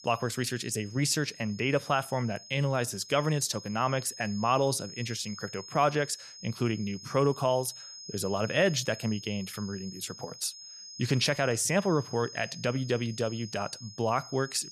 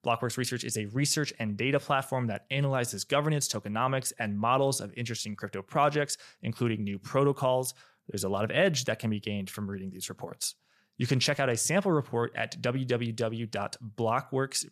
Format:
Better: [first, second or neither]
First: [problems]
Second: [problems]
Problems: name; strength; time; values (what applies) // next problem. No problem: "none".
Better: second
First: high-pitched whine; noticeable; throughout; 5 kHz, 15 dB below the speech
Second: none